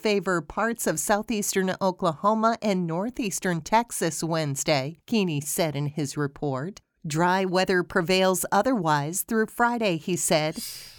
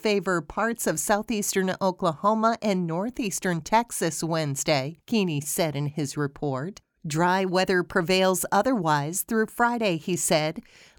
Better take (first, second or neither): second